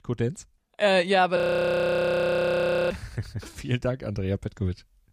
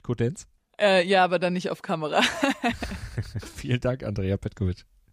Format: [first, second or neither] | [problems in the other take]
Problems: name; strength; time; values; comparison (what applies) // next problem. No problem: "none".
second | audio freezing; at 1.5 s for 1.5 s